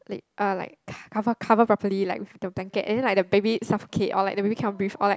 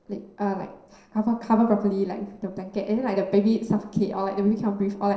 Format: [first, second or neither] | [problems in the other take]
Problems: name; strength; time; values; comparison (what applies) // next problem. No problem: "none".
first | noise reduction (neural separator model SepFormer DNS4)